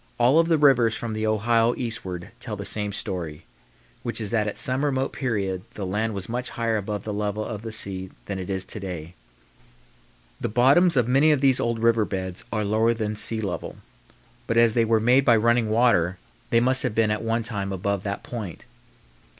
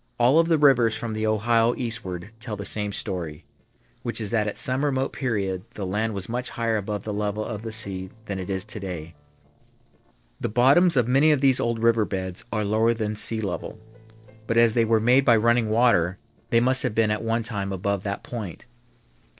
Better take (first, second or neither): first